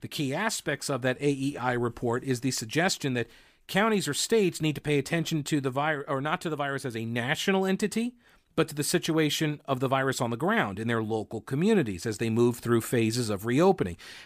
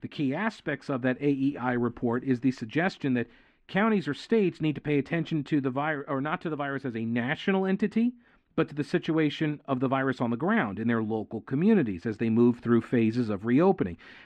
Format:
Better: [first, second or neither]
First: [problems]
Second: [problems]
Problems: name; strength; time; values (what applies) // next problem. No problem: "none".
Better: first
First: none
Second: muffled; slightly; fading above 2 kHz